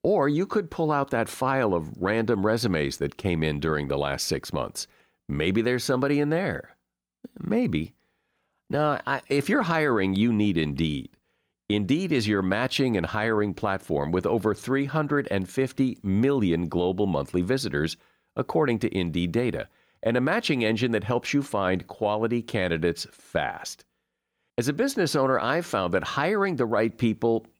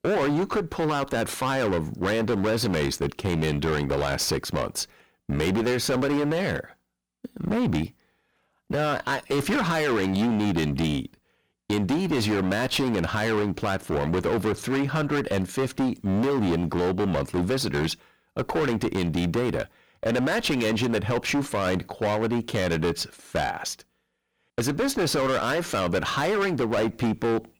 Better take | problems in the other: first | distortion; heavy; 23% of the sound clipped

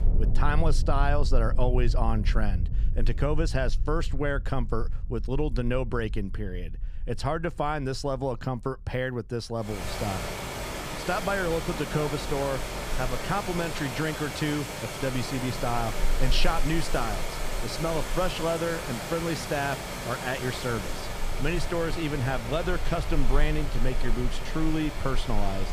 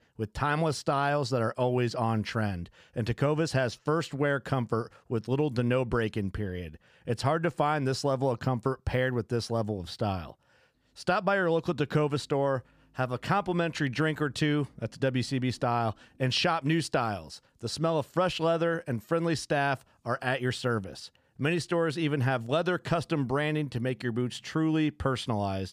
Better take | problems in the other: second | rain or running water; loud; throughout; 2 dB below the speech

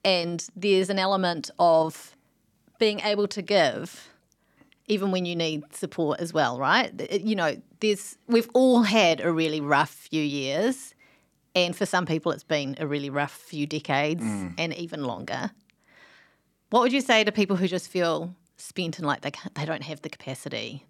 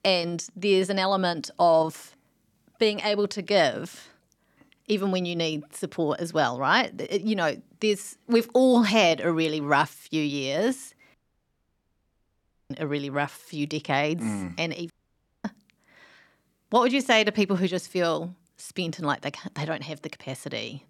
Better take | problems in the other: first | audio cutting out; at 11 s for 1.5 s and at 15 s for 0.5 s

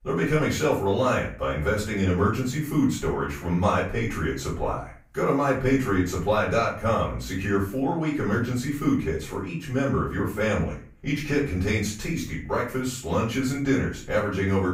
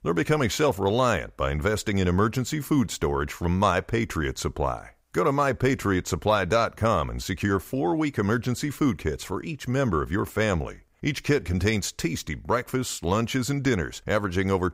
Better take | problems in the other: second | off-mic speech; far // room echo; noticeable; dies away in 0.4 s

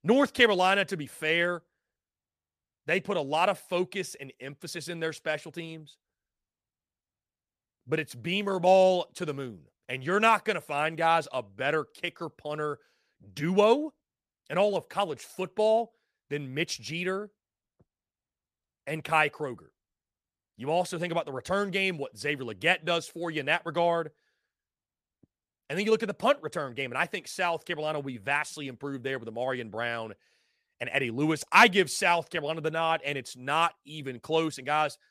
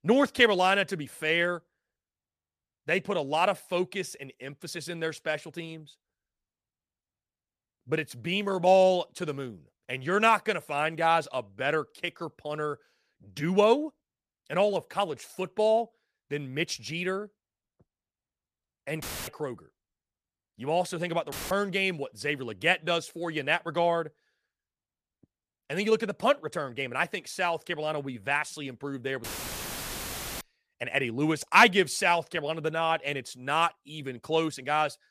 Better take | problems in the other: first | audio cutting out; filled with static; at 19 s, at 21 s and at 29 s for 1 s

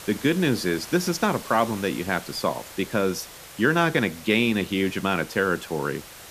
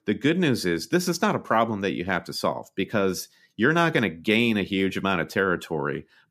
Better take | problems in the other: second | hiss; noticeable; throughout; 15 dB below the speech

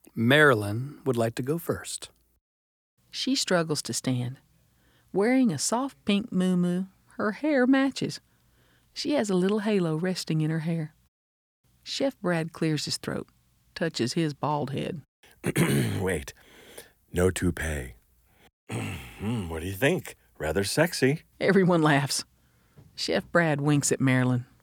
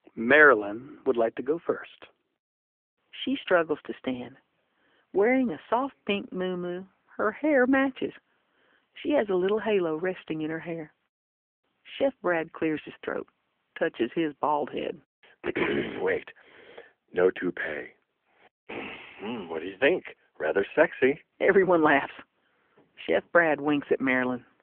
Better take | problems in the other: first | phone-call audio; nothing above 3.5 kHz

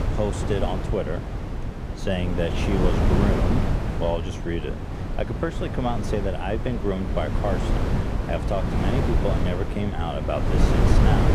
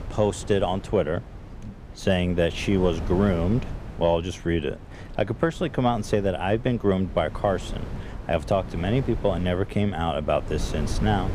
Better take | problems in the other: second | wind noise on the microphone; heavy; 2 dB below the speech; occasional gusts in the second

